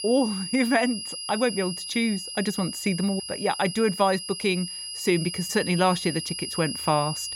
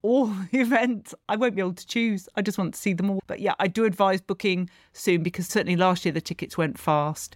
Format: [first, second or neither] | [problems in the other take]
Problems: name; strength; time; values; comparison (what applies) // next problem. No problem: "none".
second | high-pitched whine; loud; throughout; 5 kHz, 6 dB below the speech